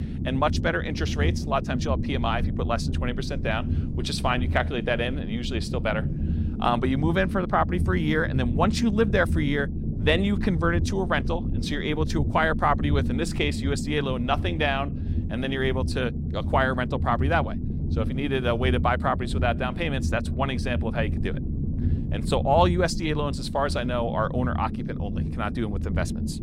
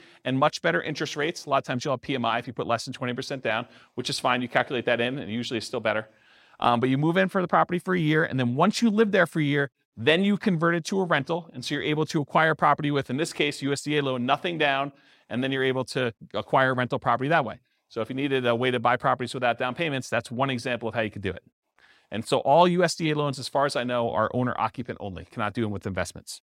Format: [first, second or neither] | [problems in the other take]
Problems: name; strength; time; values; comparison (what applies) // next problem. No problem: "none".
second | low rumble; noticeable; throughout; 10 dB below the speech